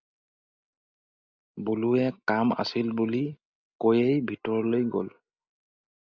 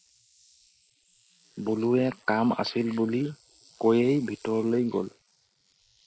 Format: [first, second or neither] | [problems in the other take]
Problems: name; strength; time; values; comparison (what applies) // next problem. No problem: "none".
first | noise reduction (neural mask model Resemble Enhance denoiser)